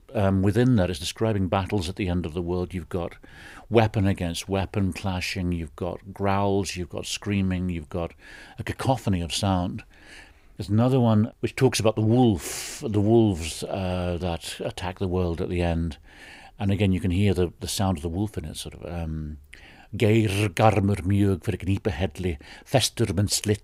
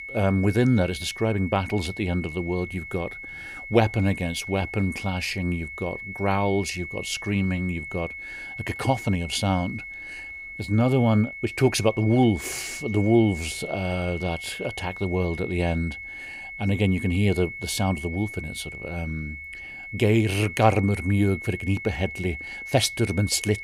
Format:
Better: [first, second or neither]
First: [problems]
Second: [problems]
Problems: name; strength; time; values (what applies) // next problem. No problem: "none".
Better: first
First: none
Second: high-pitched whine; noticeable; throughout; 2 kHz, 10 dB below the speech